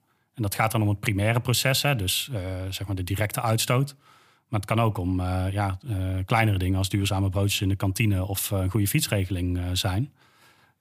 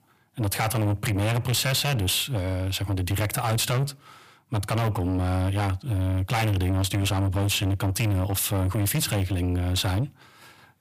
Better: first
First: none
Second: distortion; heavy; 8 dB below the speech

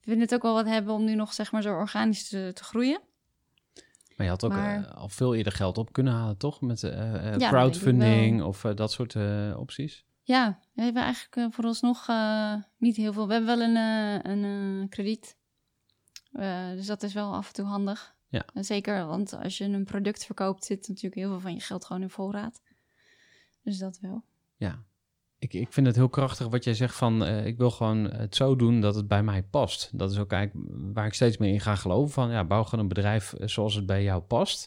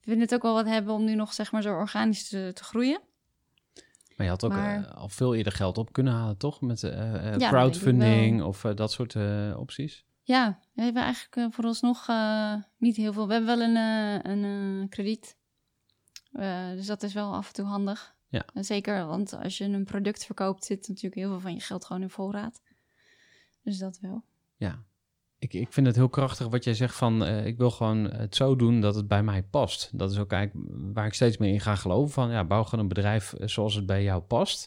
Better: neither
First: none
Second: none

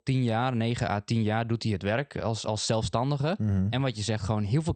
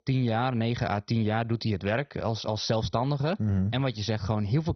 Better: first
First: garbled, watery; slightly; nothing above 8.5 kHz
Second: garbled, watery; badly; nothing above 6 kHz

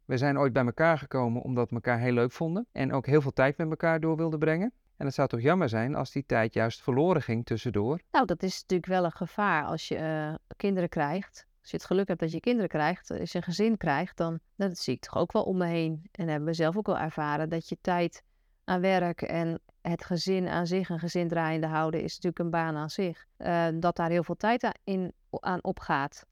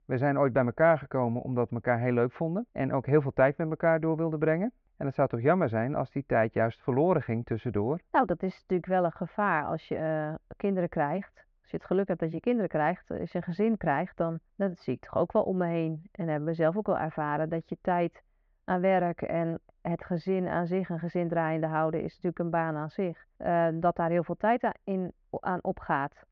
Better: first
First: none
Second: muffled; very; fading above 2 kHz

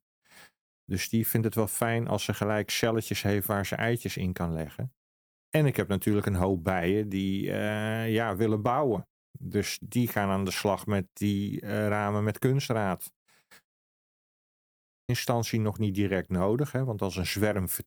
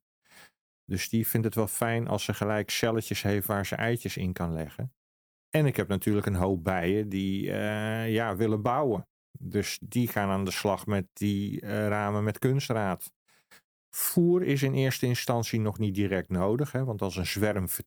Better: second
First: audio cutting out; at 14 s for 1.5 s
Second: none

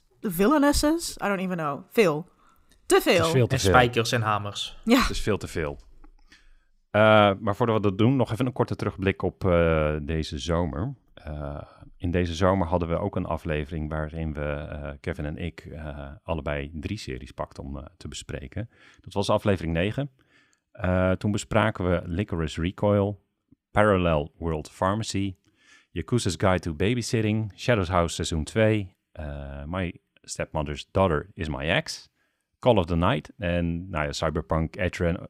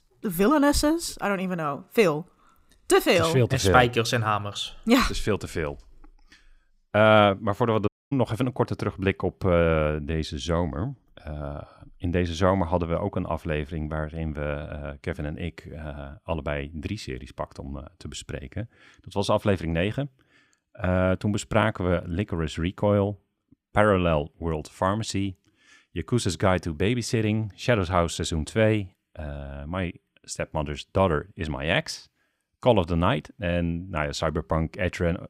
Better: first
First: none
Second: audio cutting out; at 8 s

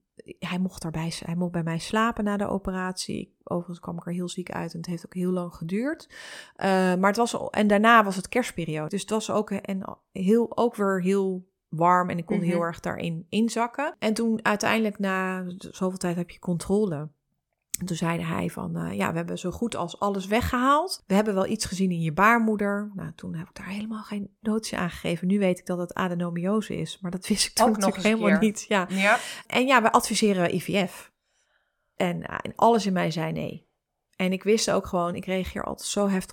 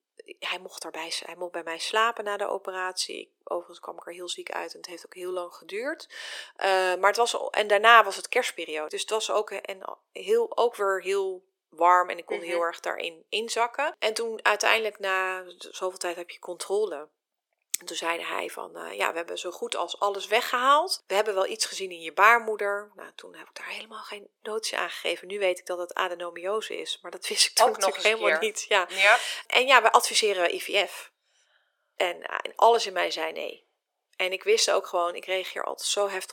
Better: first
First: none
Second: thin; very; fading below 400 Hz

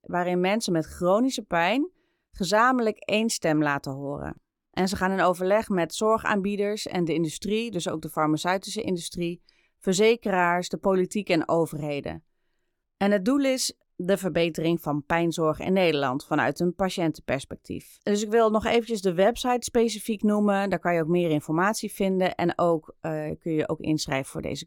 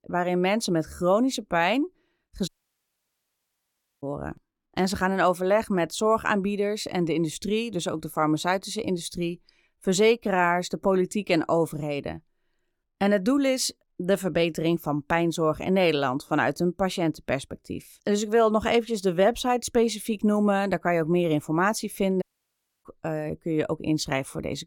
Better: first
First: none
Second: audio cutting out; at 2.5 s for 1.5 s and at 22 s for 0.5 s

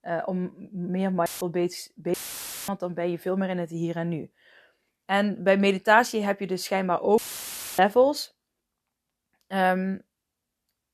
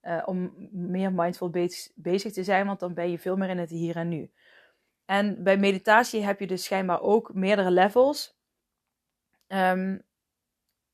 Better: second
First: audio cutting out; filled with static; at 1.5 s, at 2 s for 0.5 s and at 7 s for 0.5 s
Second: none

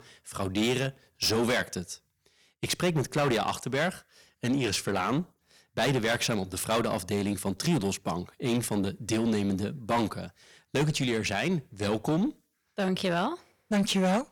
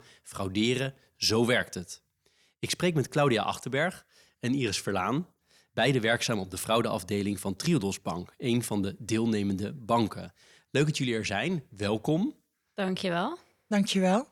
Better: second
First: distortion; slight; 10% of the sound clipped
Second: none

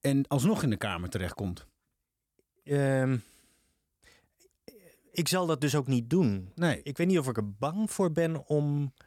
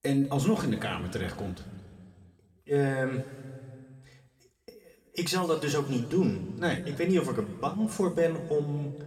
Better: first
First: none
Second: room echo; slight; dies away in 1.9 s // off-mic speech; somewhat distant

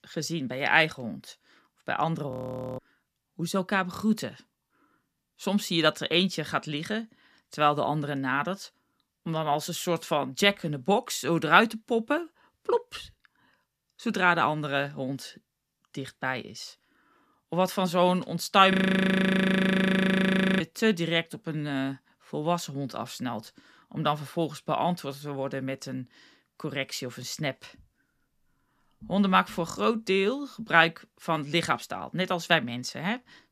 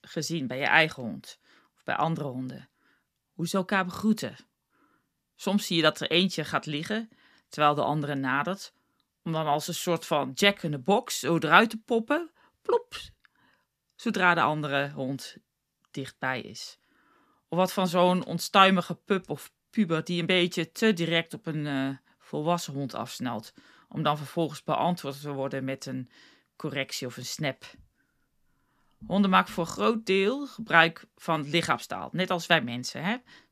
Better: second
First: audio freezing; at 2.5 s and at 19 s for 2 s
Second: none

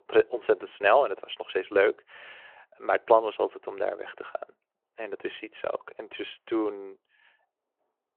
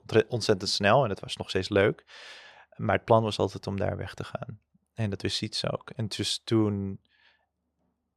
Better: second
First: phone-call audio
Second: none

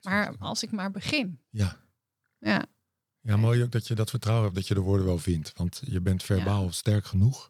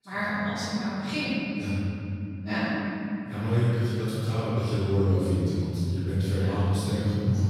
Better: first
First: none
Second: off-mic speech; far // room echo; strong; dies away in 2.8 s

